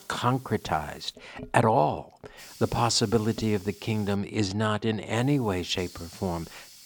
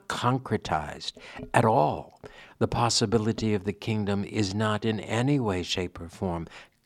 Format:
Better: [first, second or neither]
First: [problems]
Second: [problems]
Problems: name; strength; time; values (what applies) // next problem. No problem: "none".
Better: second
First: hiss; faint; until 1 s, from 2.5 to 4 s and from 5 s on; 20 dB below the speech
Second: none